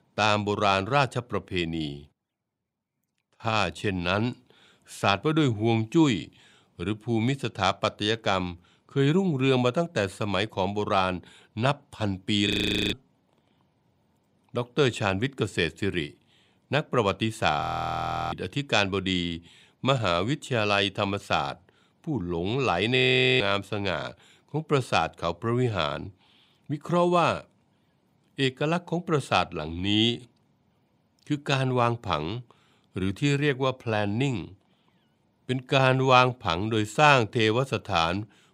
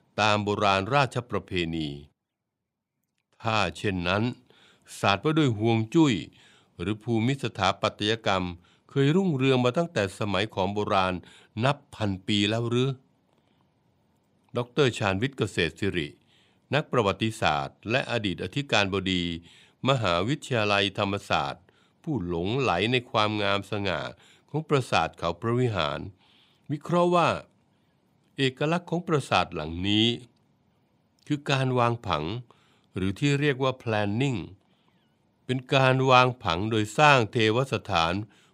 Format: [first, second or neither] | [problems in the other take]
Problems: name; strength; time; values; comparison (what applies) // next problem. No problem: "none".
second | audio freezing; at 12 s, at 18 s for 0.5 s and at 23 s